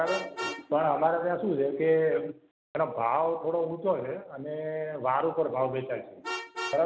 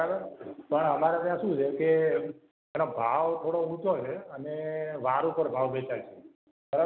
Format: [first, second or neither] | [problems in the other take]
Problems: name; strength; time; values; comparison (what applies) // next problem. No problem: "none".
second | background sound (Vehicle horn, car horn, honking); 14 dB below the speech